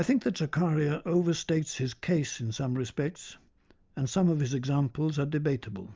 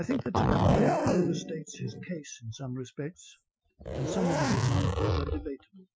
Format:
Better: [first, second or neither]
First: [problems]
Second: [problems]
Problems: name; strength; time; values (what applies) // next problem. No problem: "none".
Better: first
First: none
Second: noise reduction (classical method Wiener filter)